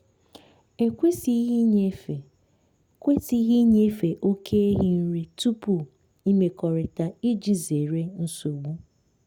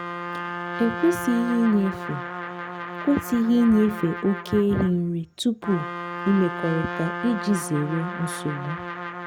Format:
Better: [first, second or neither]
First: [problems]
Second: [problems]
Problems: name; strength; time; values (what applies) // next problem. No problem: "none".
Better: first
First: none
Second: background sound (Trumpet); 8 dB below the speech